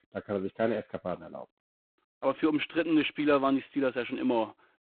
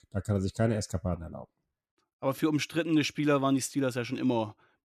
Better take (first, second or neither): second